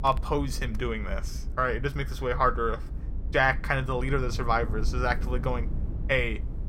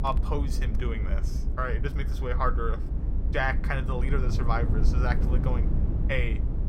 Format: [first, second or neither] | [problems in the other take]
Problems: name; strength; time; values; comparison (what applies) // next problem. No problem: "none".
first | low rumble; loud; throughout; 10 dB below the speech; faint in the first